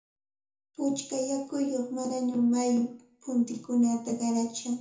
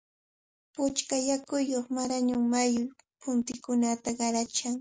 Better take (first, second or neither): second